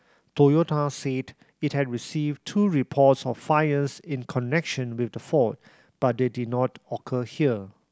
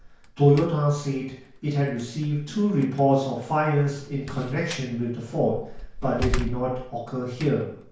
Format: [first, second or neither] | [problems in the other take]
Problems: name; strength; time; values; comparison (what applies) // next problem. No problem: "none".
first | background sound (Slam); 11 dB below the speech // room echo; dies away in 0.5 s